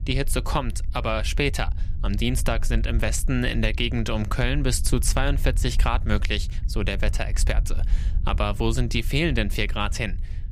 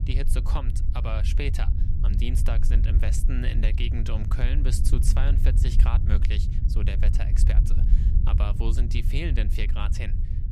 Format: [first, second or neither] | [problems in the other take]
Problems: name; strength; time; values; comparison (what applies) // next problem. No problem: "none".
first | low rumble; loud; throughout; 6 dB below the speech; faint in the first